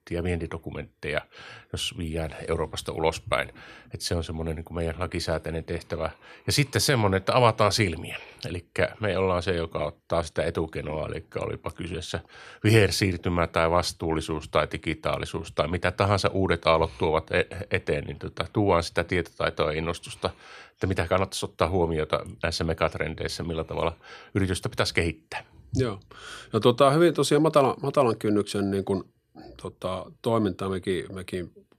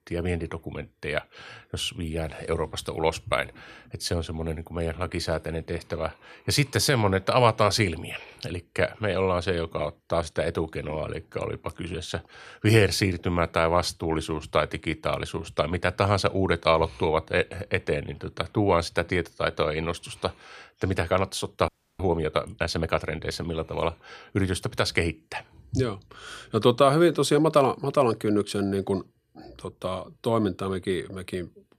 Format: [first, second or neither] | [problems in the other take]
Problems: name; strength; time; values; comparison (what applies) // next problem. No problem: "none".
first | audio freezing; at 22 s